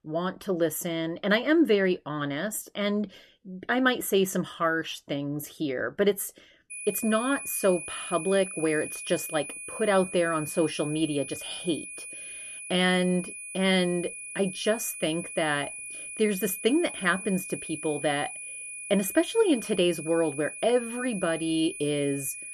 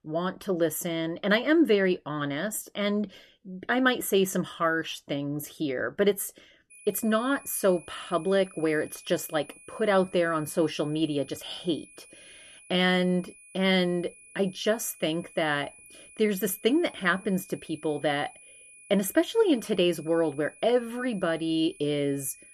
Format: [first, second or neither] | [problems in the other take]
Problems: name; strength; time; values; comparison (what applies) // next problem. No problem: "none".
second | high-pitched whine; loud; from 6.5 s on; 2.5 kHz, 9 dB below the speech; faint in the second